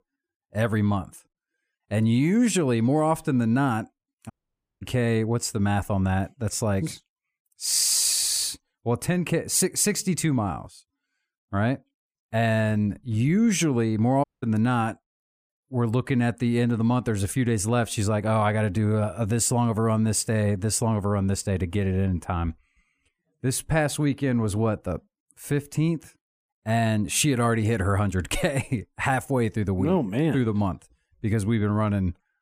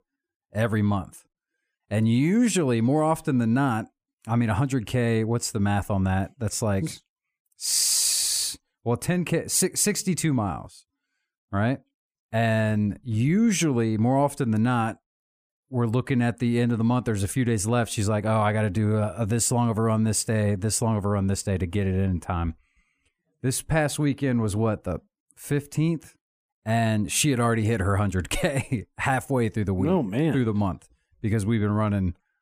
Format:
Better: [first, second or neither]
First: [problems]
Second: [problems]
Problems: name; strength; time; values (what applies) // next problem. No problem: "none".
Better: second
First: audio cutting out; at 4.5 s for 0.5 s and at 14 s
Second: none